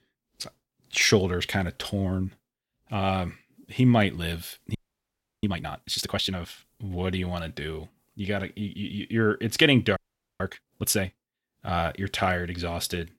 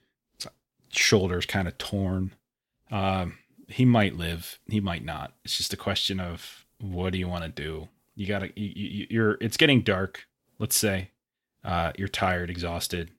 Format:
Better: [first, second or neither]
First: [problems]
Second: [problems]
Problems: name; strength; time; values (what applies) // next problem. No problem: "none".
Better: second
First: audio freezing; at 5 s for 0.5 s and at 10 s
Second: none